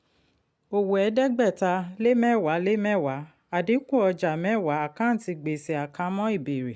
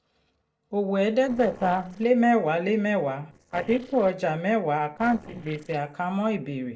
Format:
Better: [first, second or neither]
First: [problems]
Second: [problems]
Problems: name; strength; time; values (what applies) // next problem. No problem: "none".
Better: first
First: none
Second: noise reduction (neural separator model SepFormer DNS4)